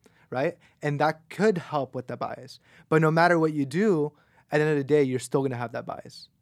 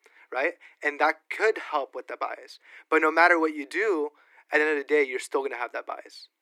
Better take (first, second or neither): first